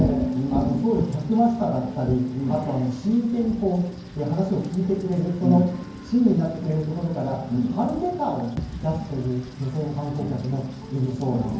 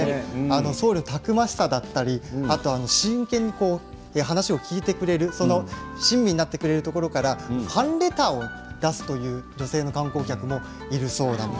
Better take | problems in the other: second | background sound (Wind / Rain); 13 dB below the speech // room echo; dies away in 0.9 s

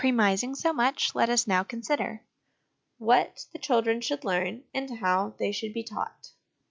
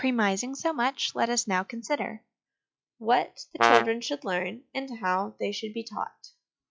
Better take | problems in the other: first | noise reduction (classical method log-MMSE)

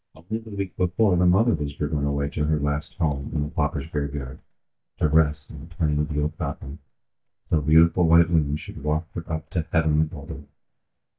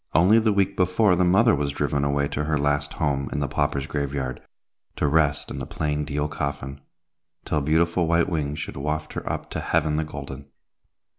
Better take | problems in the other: second | noise reduction (neural mask model DeepFilterNet 3)

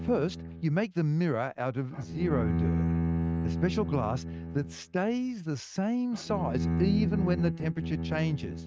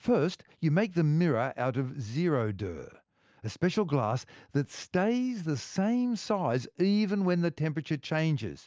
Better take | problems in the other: second | noise reduction (neural mask model RNNoise)

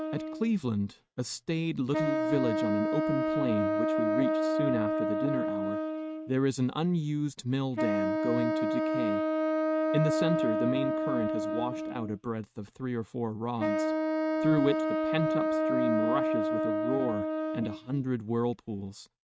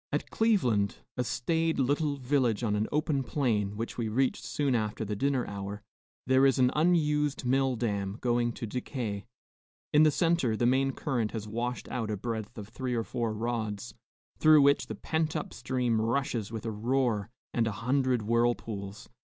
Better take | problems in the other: second | noise reduction (neural mask model RNNoise)

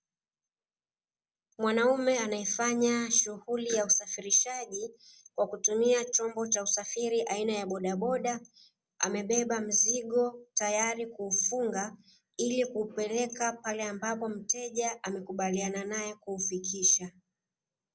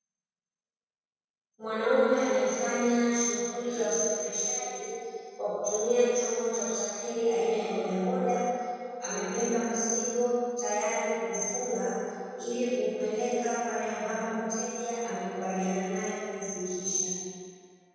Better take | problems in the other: first | room echo; dies away in 2.2 s

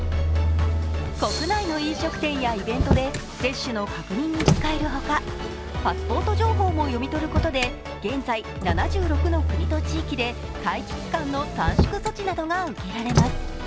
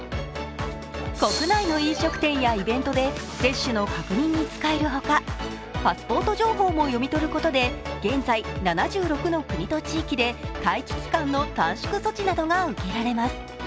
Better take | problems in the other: second | background sound (Motor vehicle (road)); 1 dB above the speech

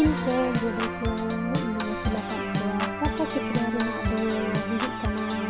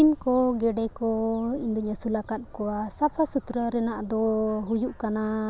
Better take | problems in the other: second | background sound (Organ); as loud as the speech // room echo; dies away in 0.2 s

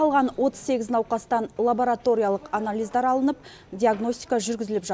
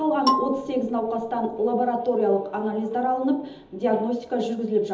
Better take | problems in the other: first | background sound (Marimba, xylophone); 5 dB below the speech // room echo; dies away in 1.2 s

